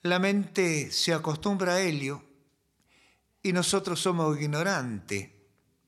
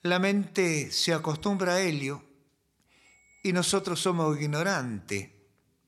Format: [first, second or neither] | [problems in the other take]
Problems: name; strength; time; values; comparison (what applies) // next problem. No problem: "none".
first | high-pitched whine; faint; from 1 to 2 s and from 3 to 5 s; 2 kHz, 30 dB below the speech